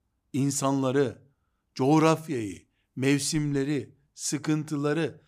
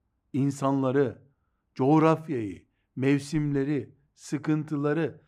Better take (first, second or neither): first